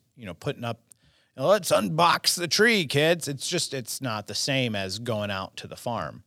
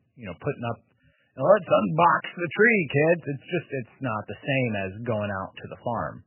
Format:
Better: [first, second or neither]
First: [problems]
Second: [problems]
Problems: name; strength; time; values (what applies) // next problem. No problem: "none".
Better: first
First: none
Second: garbled, watery; badly; nothing above 3 kHz